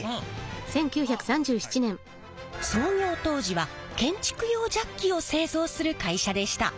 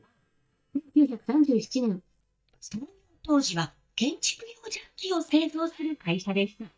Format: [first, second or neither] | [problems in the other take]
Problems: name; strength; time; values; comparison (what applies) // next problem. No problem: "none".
first | noise reduction (neural mask model DeepFilterNet 3)